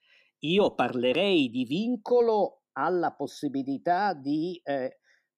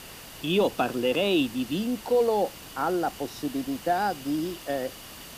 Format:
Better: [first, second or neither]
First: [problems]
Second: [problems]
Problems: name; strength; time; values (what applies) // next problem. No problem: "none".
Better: first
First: none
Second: hiss; noticeable; throughout; 15 dB below the speech